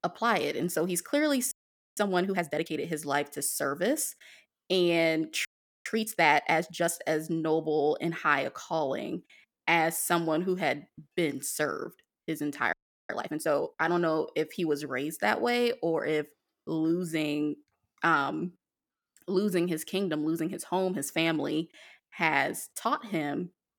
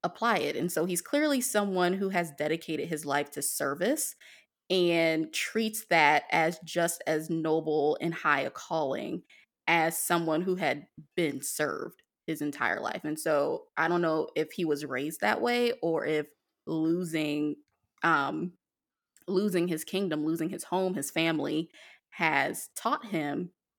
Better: second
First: audio freezing; at 1.5 s, at 5.5 s and at 13 s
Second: none

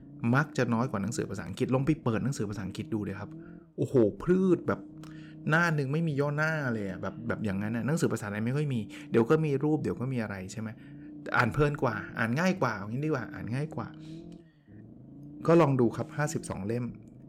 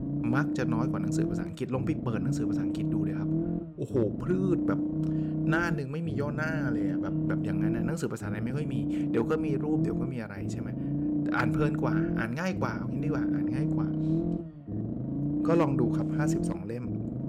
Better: first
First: low rumble; faint; throughout; 20 dB below the speech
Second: low rumble; loud; throughout; 1 dB below the speech

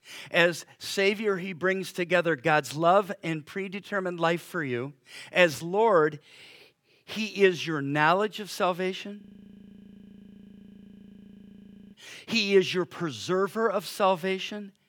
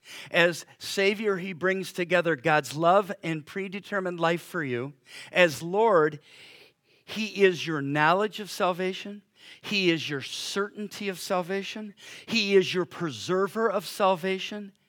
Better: second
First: audio freezing; at 9 s for 2.5 s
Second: none

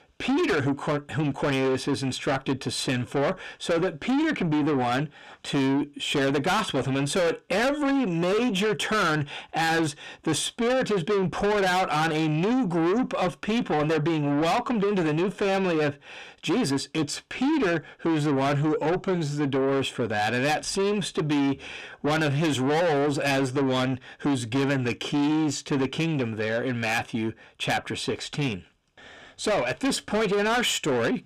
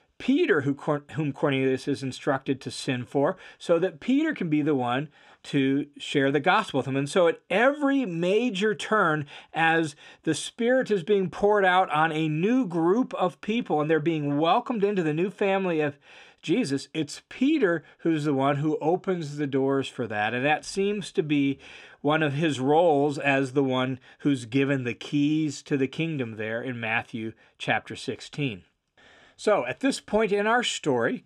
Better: second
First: distortion; heavy; 7 dB below the speech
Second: none

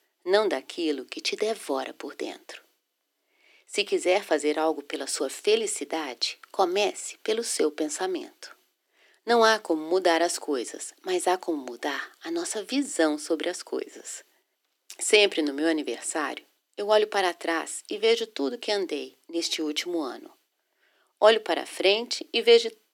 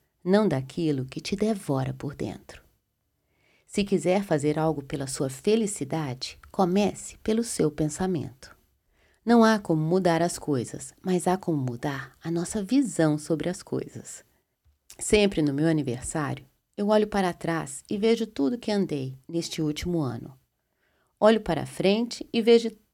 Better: second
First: thin; somewhat; fading below 300 Hz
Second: none

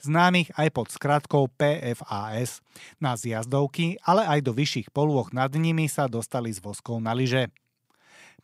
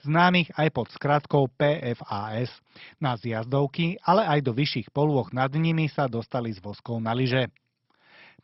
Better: first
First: none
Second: garbled, watery; badly; nothing above 5.5 kHz

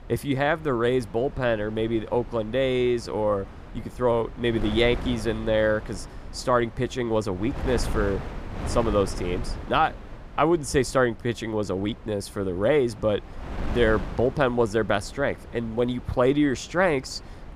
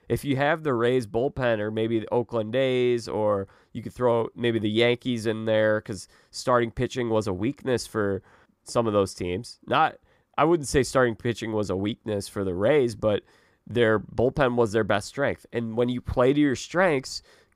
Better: second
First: wind noise on the microphone; occasional gusts; 15 dB below the speech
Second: none

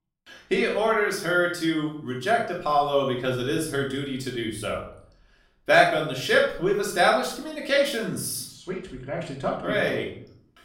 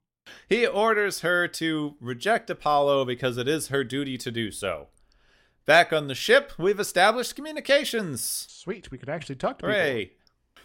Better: second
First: off-mic speech; far // room echo; noticeable; dies away in 0.5 s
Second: none

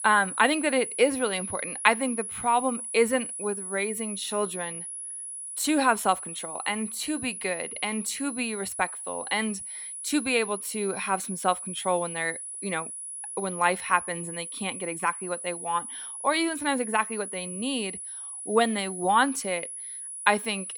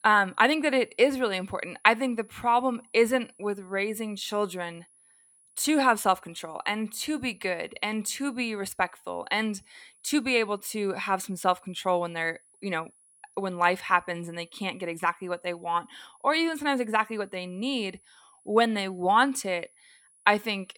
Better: second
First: high-pitched whine; loud; throughout; 10 kHz, 7 dB below the speech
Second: high-pitched whine; faint; throughout; 10 kHz, 30 dB below the speech

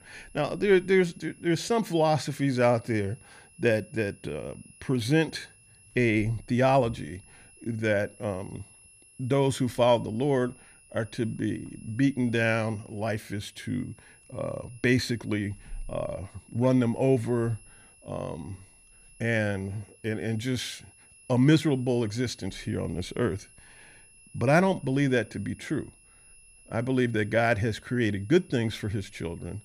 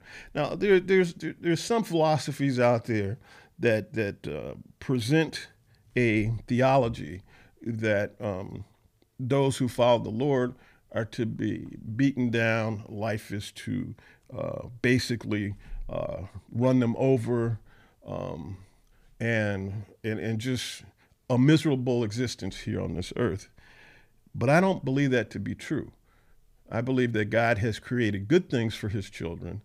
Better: second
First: high-pitched whine; faint; throughout; 10.5 kHz, 25 dB below the speech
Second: none

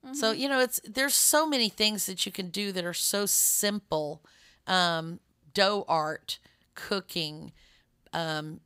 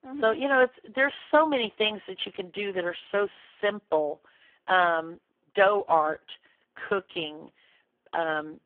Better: first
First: none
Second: phone-call audio; poor line; nothing above 3 kHz

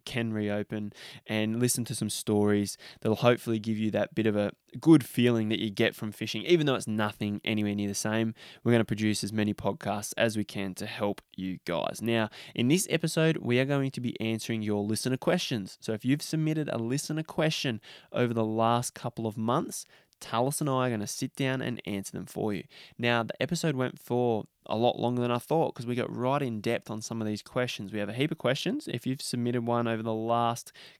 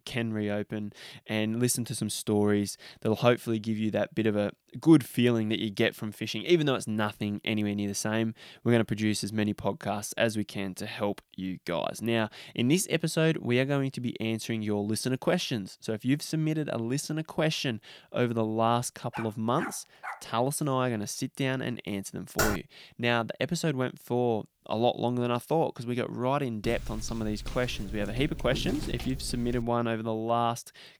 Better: first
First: none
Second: dog barking; faint; from 19 to 20 s; peak 10 dB below the speech // keyboard typing; noticeable; at 22 s; peak level with the speech // footsteps; noticeable; from 27 to 30 s; peak 6 dB below the speech

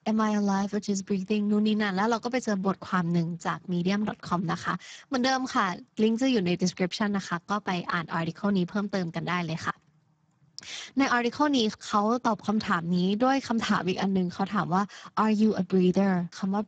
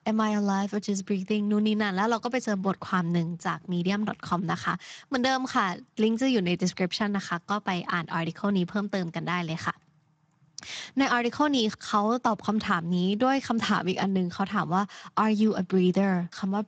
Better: second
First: garbled, watery; badly; nothing above 7.5 kHz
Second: garbled, watery; slightly; nothing above 7.5 kHz

